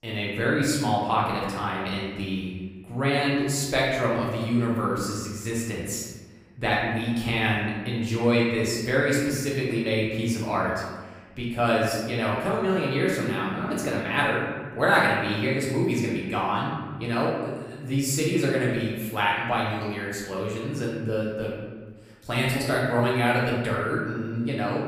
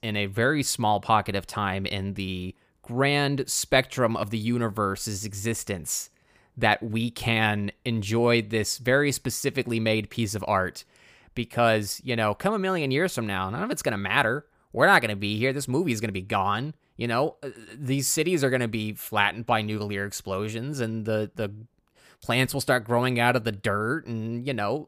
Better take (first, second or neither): second